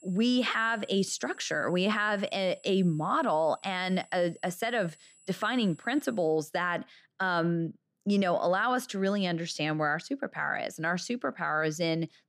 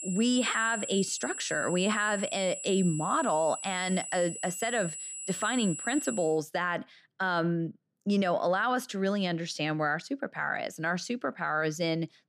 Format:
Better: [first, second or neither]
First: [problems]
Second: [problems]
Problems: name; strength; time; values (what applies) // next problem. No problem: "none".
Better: first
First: high-pitched whine; faint; until 6.5 s; 7.5 kHz, 25 dB below the speech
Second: high-pitched whine; loud; until 6.5 s; 7.5 kHz, 7 dB below the speech